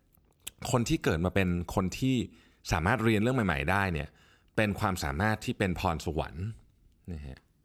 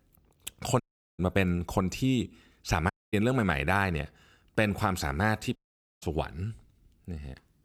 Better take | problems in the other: first | audio cutting out; at 1 s, at 3 s and at 5.5 s

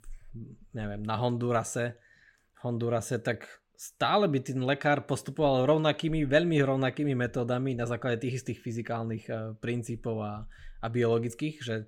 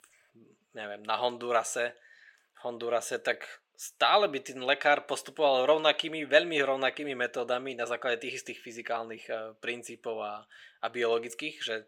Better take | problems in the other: first | thin; very; fading below 600 Hz

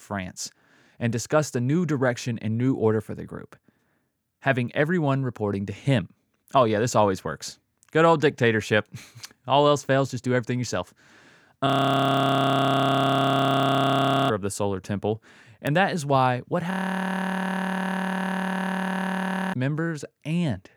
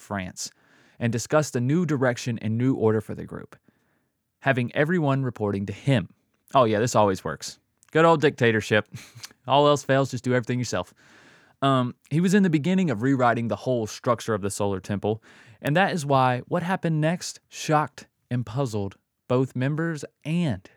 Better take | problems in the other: second | audio freezing; at 12 s for 2.5 s and at 17 s for 3 s

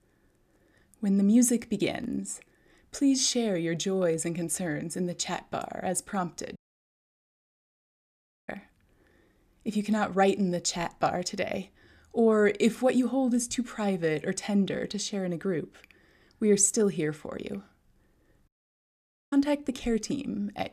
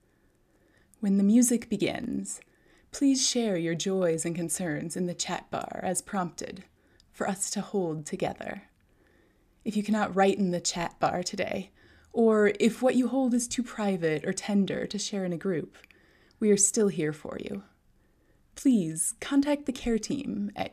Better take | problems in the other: second | audio cutting out; at 6.5 s for 2 s and at 18 s for 1 s

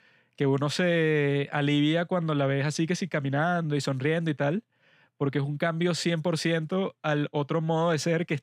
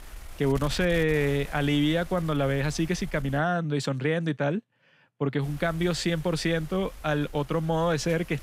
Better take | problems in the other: first | wind noise on the microphone; occasional gusts; until 3.5 s and from 5.5 s on; 20 dB below the speech

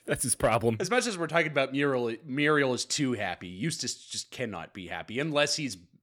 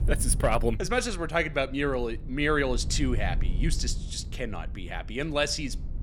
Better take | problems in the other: first | low rumble; faint; throughout; 20 dB below the speech

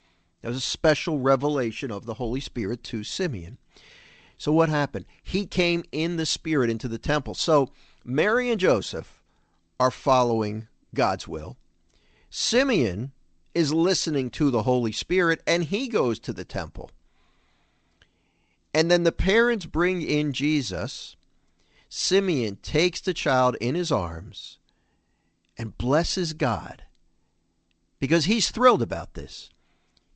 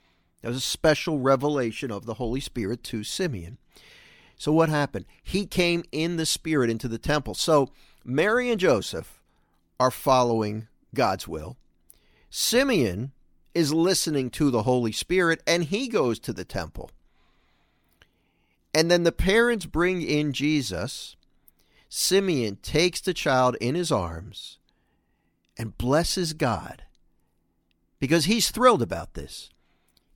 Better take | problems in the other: second | garbled, watery; slightly; nothing above 8 kHz

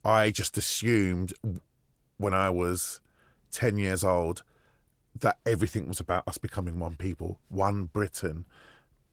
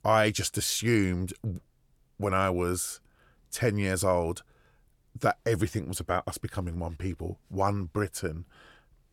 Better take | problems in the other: second | garbled, watery; slightly

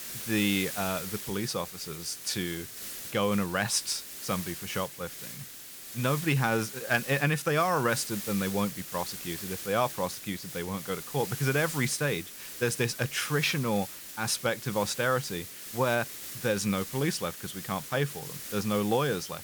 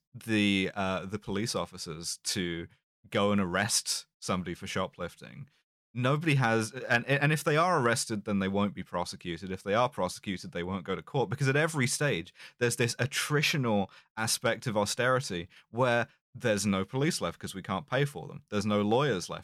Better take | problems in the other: second | hiss; loud; throughout; 8 dB below the speech

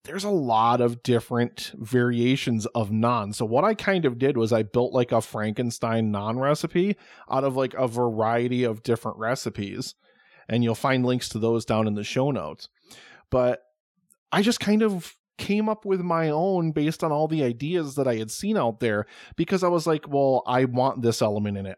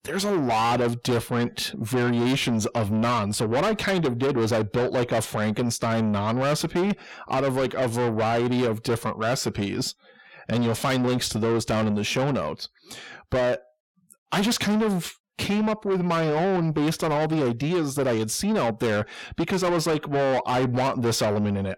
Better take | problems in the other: first | distortion; heavy; 7 dB below the speech

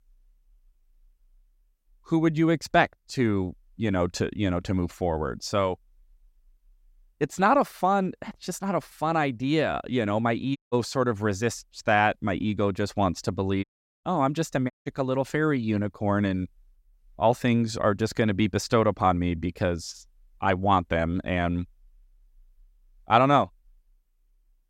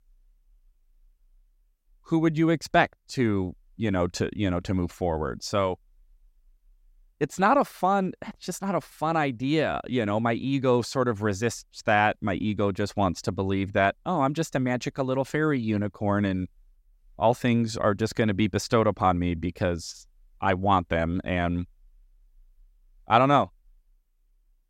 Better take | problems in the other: second | audio cutting out; at 11 s, at 14 s and at 15 s

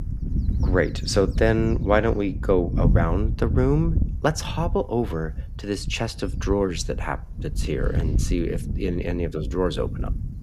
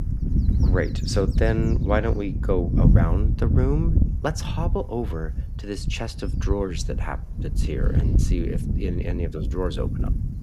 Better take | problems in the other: first | wind noise on the microphone; heavy; 7 dB below the speech; occasional gusts in the first

